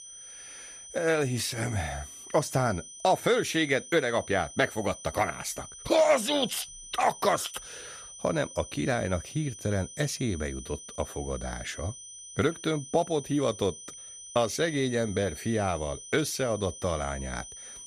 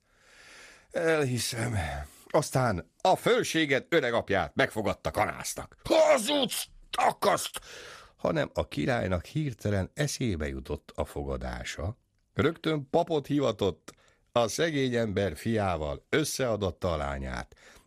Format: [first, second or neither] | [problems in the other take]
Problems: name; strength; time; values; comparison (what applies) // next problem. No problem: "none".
second | high-pitched whine; noticeable; throughout; 6 kHz, 15 dB below the speech